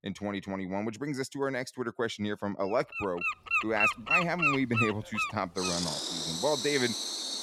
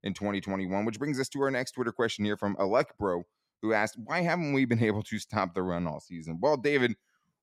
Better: second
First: animal sounds; very loud; from 3.5 s on; 3 dB above the speech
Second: none

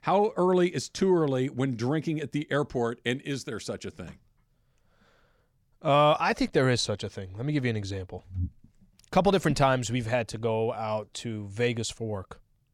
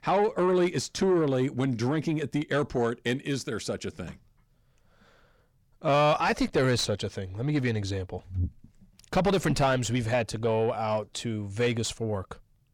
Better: first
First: none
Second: distortion; slight; 10 dB below the speech

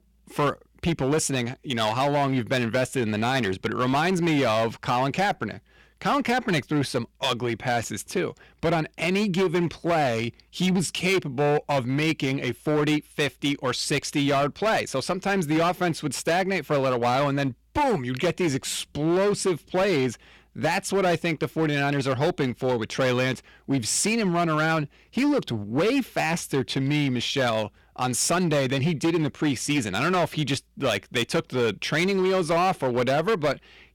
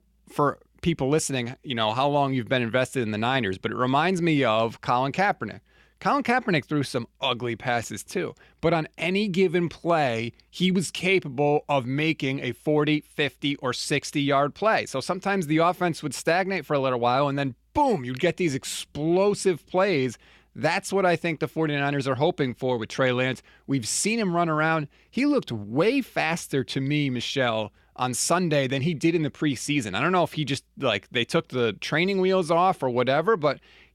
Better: second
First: distortion; slight; 13% of the sound clipped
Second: none

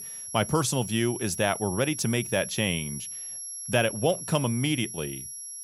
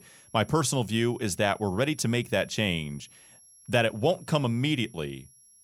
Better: second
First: high-pitched whine; loud; throughout; 11 kHz, 8 dB below the speech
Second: high-pitched whine; faint; throughout; 11 kHz, 25 dB below the speech

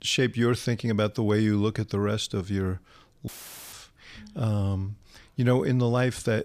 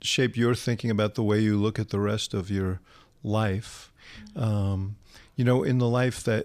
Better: second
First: audio cutting out; filled with static; at 3.5 s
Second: none

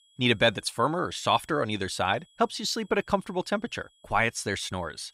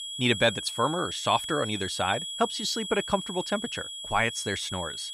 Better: first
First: high-pitched whine; faint; throughout; 3.5 kHz, 35 dB below the speech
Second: high-pitched whine; loud; throughout; 3.5 kHz, 6 dB below the speech

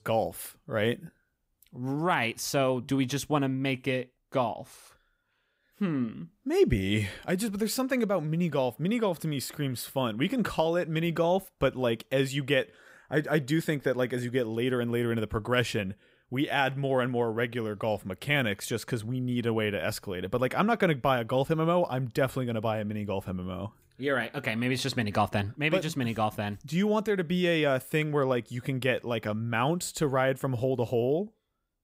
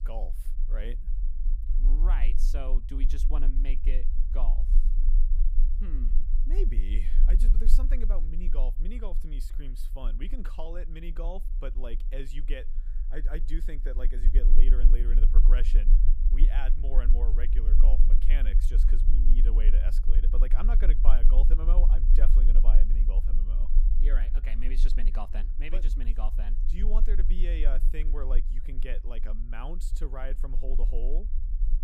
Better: first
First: none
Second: low rumble; loud; throughout; 9 dB below the speech

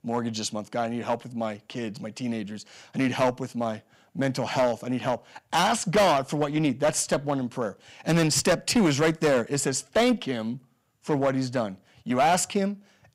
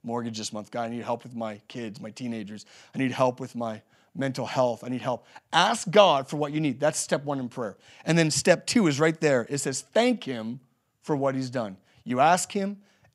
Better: second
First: distortion; heavy; 6% of the sound clipped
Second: none

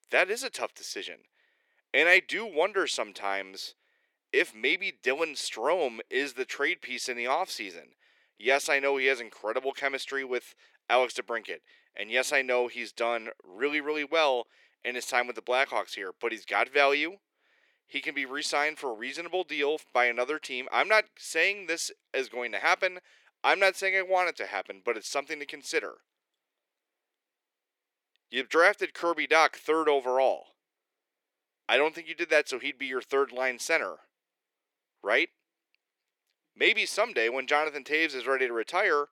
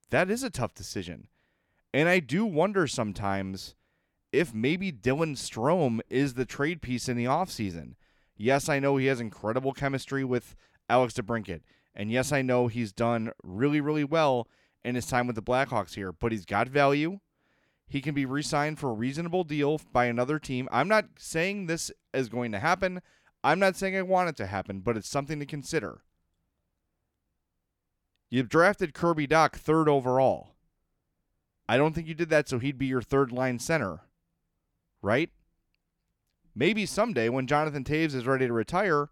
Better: second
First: thin; very; fading below 400 Hz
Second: none

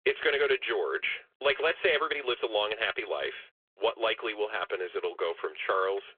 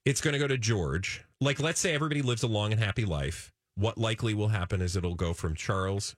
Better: second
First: phone-call audio; nothing above 3.5 kHz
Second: none

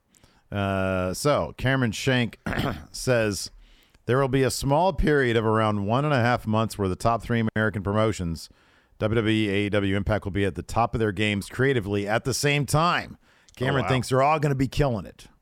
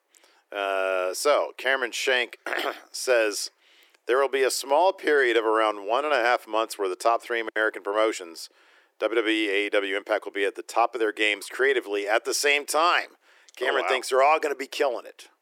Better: first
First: none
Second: thin; very; fading below 350 Hz

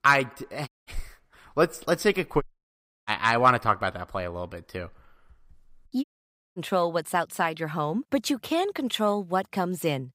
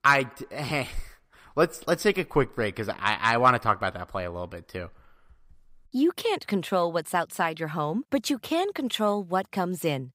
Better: second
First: audio cutting out; at 0.5 s, at 2.5 s for 0.5 s and at 6 s for 0.5 s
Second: none

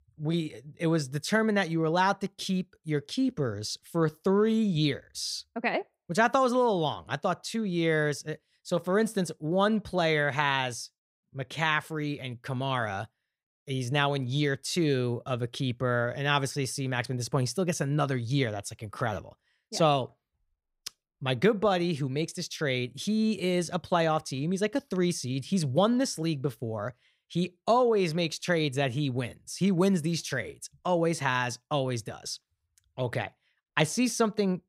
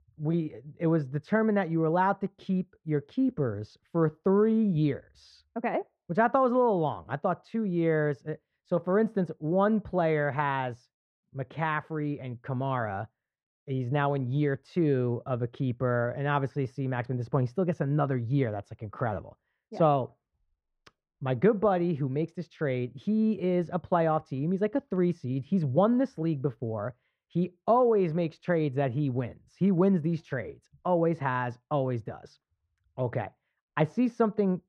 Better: first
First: none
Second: muffled; very; fading above 3.5 kHz

